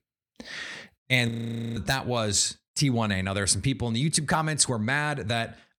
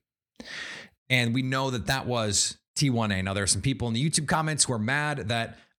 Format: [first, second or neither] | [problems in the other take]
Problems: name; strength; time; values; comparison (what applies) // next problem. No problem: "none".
second | audio freezing; at 1.5 s